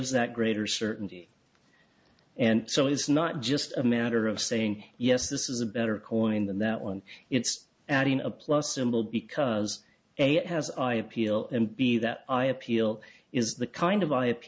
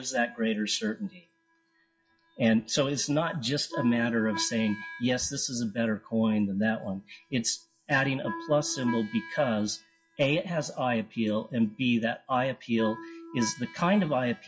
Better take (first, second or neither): first